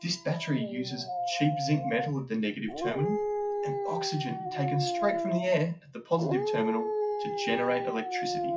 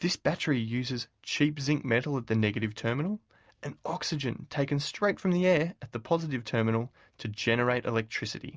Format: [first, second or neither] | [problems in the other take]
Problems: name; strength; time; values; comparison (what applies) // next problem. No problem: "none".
second | noise reduction (classical method WPE with log-MMSE)